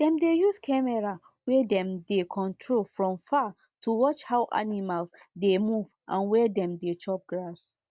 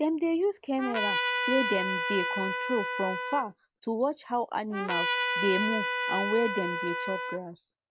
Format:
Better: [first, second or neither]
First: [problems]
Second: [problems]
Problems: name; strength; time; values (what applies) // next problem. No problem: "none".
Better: first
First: none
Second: background sound (Trumpet); as loud as the speech